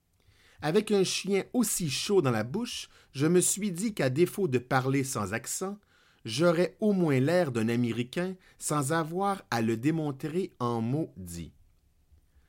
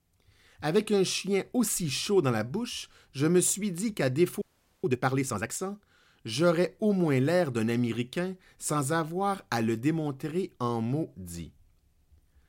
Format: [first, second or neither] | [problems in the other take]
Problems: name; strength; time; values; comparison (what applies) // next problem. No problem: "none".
first | audio freezing; at 4.5 s